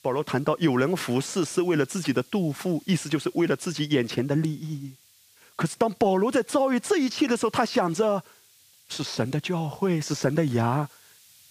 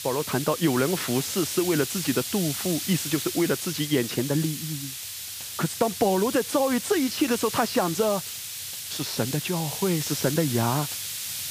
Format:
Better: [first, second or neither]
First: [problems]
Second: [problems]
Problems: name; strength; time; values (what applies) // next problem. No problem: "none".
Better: first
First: hiss; faint; throughout; 30 dB below the speech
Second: hiss; loud; throughout; 5 dB below the speech